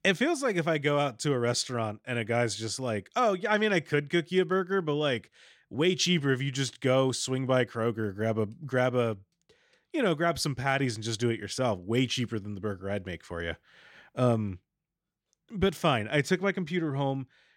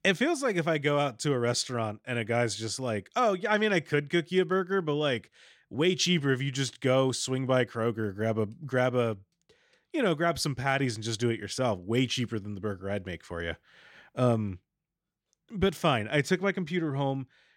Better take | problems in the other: neither | none

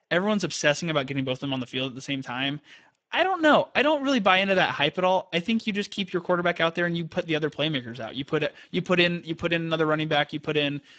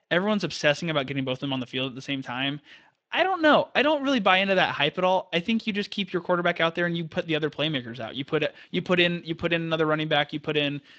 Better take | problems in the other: second | garbled, watery; badly; slightly in the second

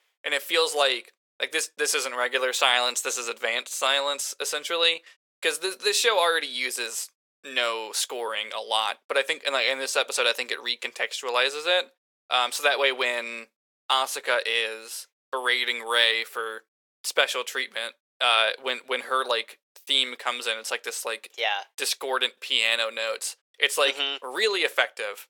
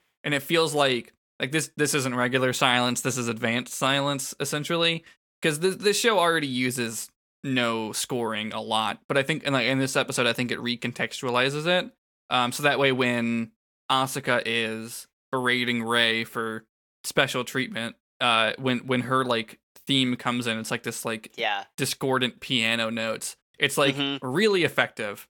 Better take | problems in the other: second | thin; very; fading below 500 Hz

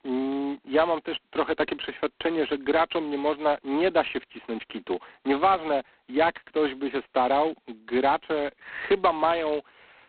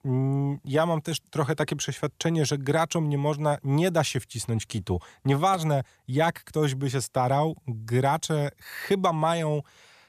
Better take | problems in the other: second | phone-call audio; poor line; nothing above 4 kHz

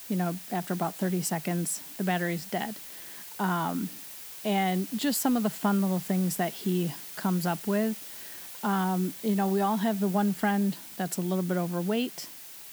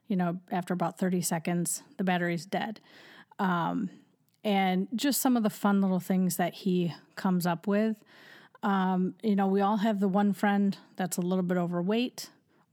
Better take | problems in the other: second | hiss; noticeable; throughout; 10 dB below the speech

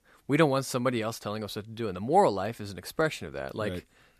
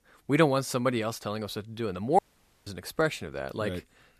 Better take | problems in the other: first | audio cutting out; at 2 s

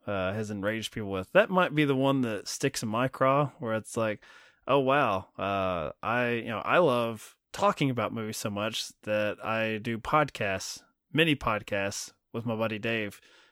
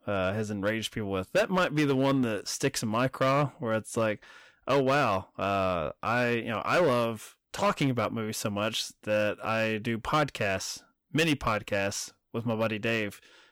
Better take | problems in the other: first | distortion; slight; 4% of the sound clipped

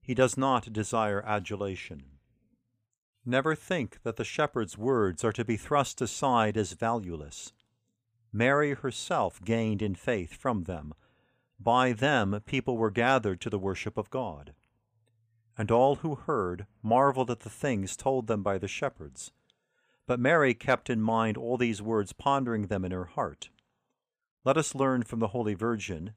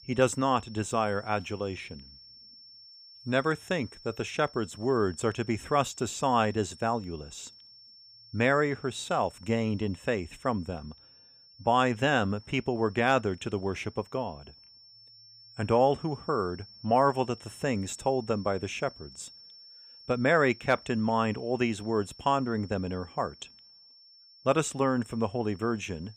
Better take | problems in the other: first | high-pitched whine; faint; throughout; 5.5 kHz, 20 dB below the speech

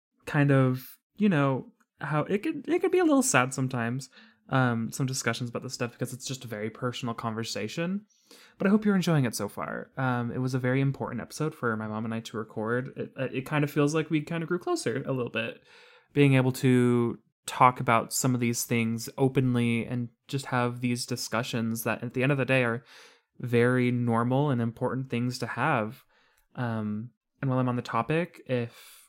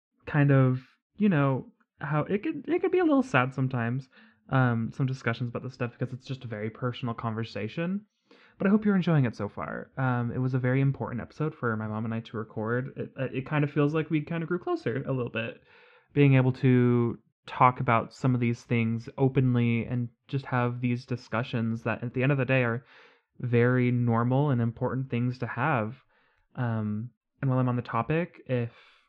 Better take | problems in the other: first | muffled; very; fading above 3 kHz

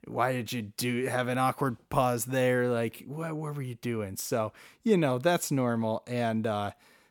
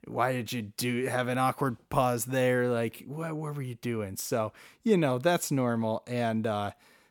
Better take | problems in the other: neither | none

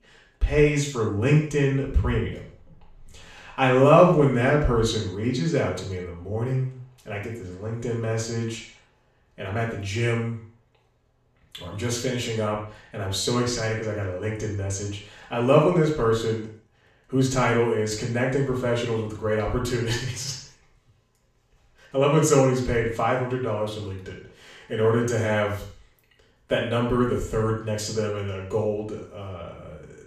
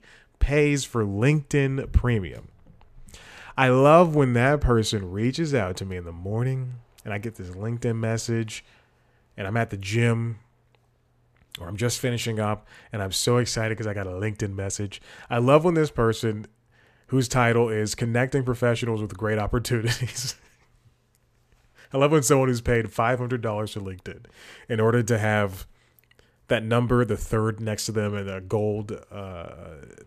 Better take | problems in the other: second | room echo; noticeable; dies away in 0.5 s // off-mic speech; far

